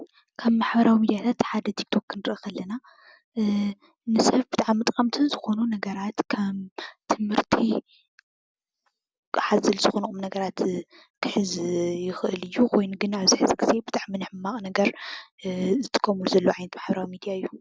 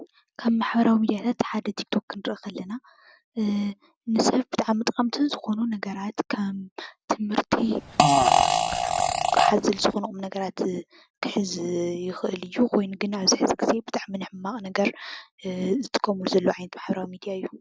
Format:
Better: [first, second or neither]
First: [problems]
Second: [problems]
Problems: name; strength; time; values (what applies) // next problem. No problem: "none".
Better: first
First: none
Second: background sound (Fart); 4 dB above the speech